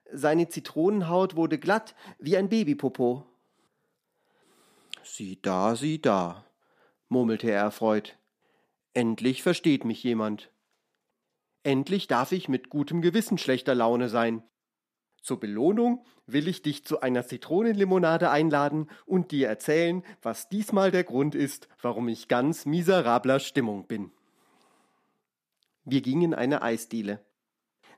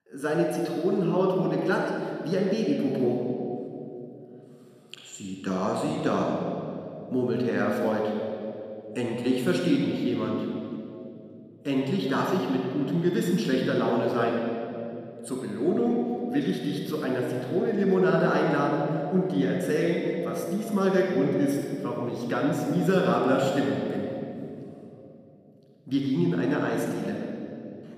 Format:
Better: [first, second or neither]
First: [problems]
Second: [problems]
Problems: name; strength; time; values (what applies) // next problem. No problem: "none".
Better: first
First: none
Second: off-mic speech; somewhat distant // room echo; noticeable; dies away in 2.5 s